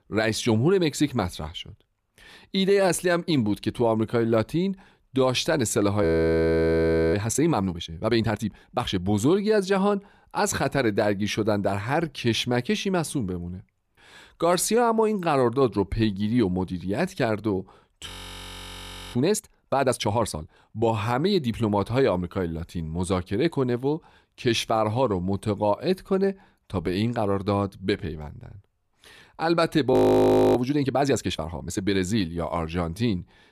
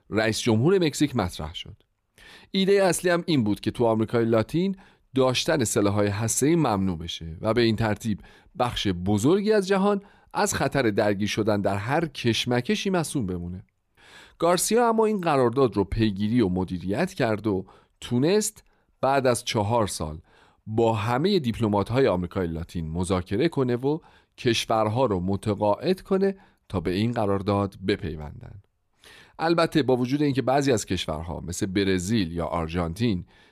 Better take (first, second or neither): second